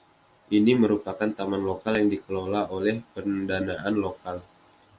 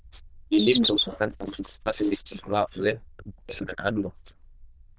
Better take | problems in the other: first | noise reduction (neural diffusion model UNIVERSE++)

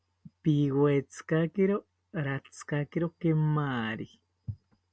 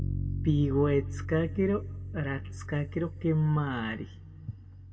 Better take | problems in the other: first | background sound (Bass guitar); 6 dB below the speech // room echo; dies away in 1.4 s

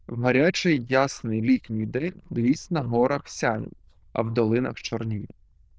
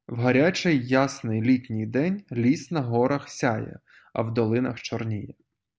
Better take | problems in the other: second | noise reduction (neural diffusion model UNIVERSE++)

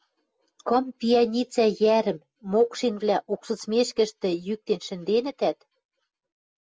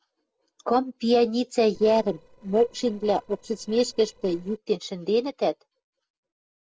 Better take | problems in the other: first | noise reduction (neural separator model SepFormer DNS4)

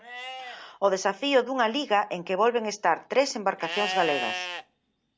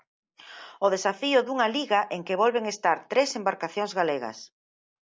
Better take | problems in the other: second | background sound (Livestock, farm animals, working animals); 10 dB below the speech

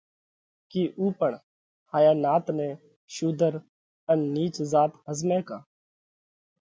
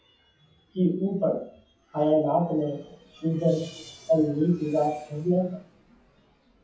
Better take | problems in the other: first | noise reduction (classical method WPE with log-MMSE)

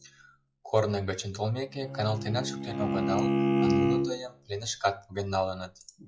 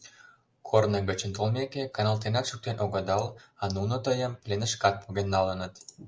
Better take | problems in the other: second | noise reduction (classical method log-MMSE)

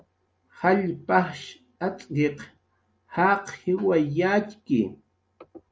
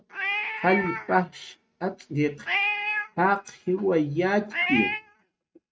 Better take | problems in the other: first | noise reduction (neural mask model RNNoise)

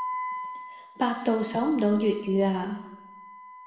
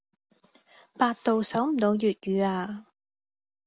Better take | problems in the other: second | background sound (Wind instrument, woodwind instrument); 11 dB below the speech // room echo; dies away in 1 s

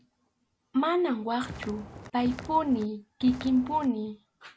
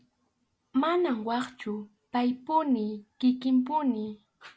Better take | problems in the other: second | background sound (Walk, footsteps); 13 dB below the speech

